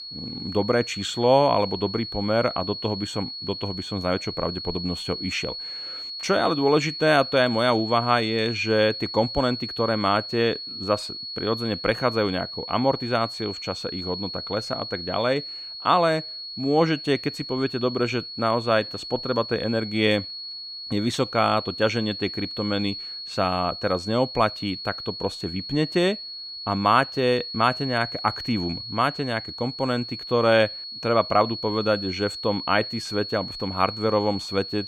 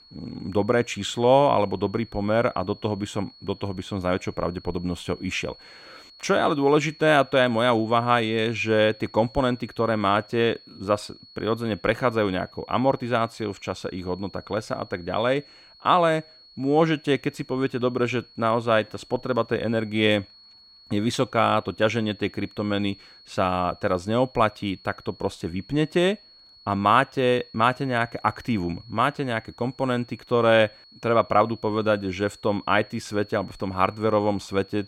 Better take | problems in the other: second | high-pitched whine; loud; throughout; 4.5 kHz, 8 dB below the speech; faint in the second

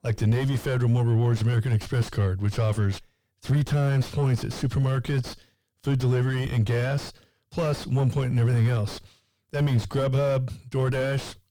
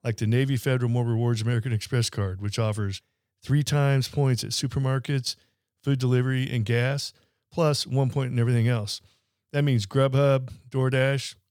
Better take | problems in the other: second | distortion; heavy; 3 dB below the speech

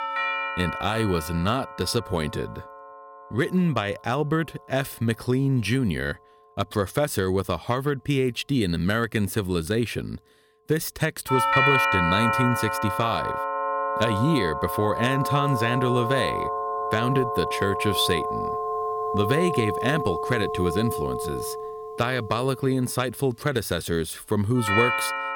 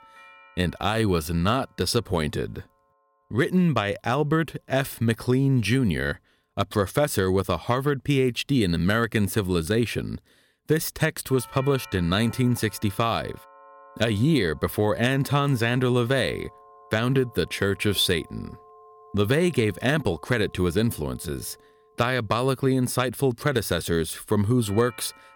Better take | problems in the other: second | alarms or sirens; loud; throughout; 1 dB below the speech; faint in the second

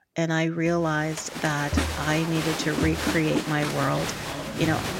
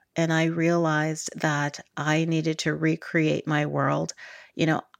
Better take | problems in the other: second | crowd noise; loud; from 1.5 s on; 3 dB below the speech

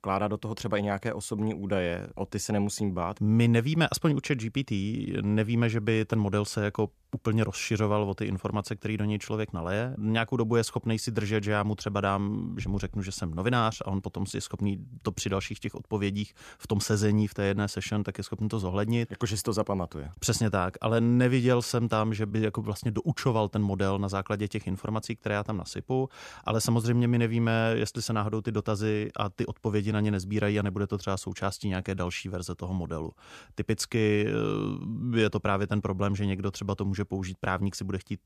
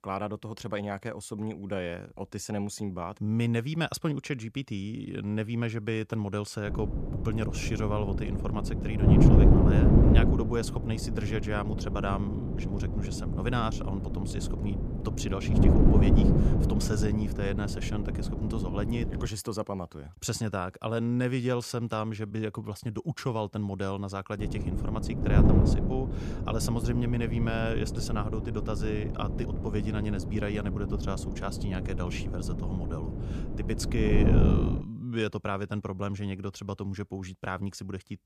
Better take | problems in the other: first | wind noise on the microphone; heavy; from 6.5 to 19 s and from 24 to 35 s; as loud as the speech

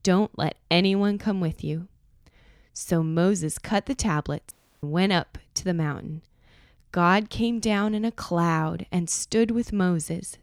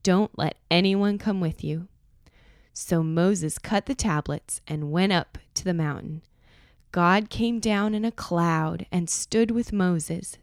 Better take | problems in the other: second | audio cutting out; at 4.5 s

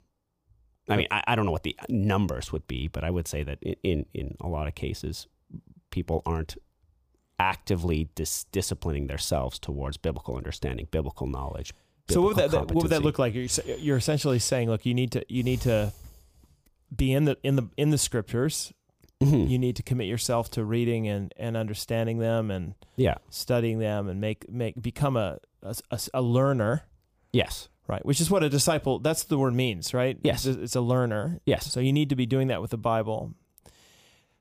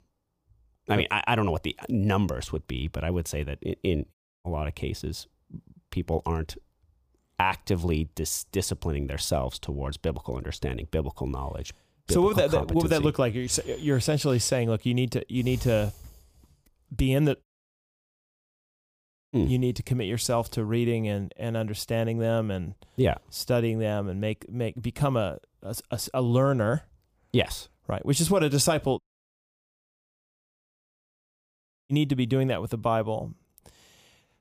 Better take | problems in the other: first | audio cutting out; at 4 s, at 17 s for 2 s and at 29 s for 3 s

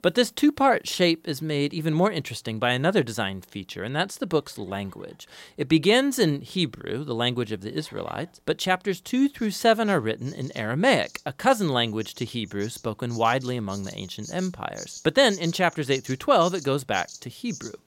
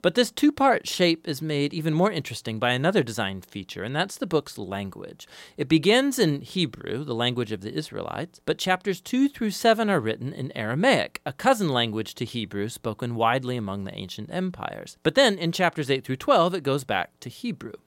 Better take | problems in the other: second | animal sounds; noticeable; throughout; 20 dB below the speech

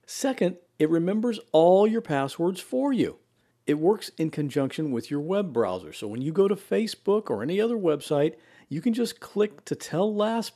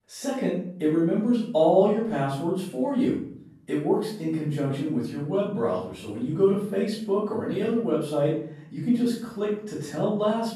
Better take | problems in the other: first | room echo; noticeable; dies away in 0.7 s // off-mic speech; far

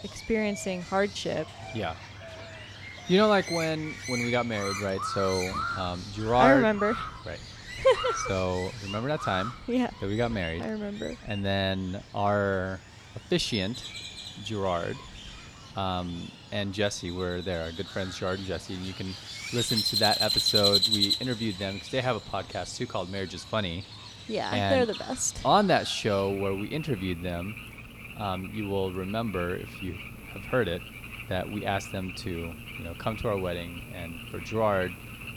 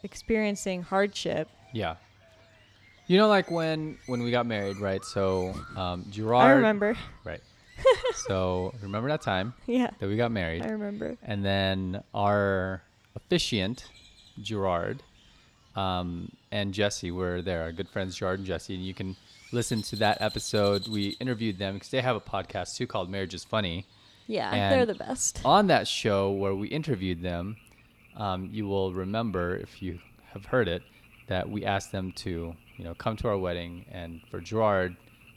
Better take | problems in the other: second | animal sounds; loud; throughout; 5 dB below the speech; faint in the second

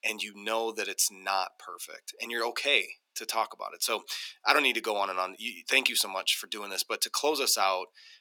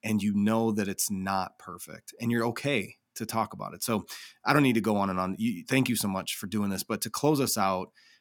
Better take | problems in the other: second | thin; very; fading below 400 Hz

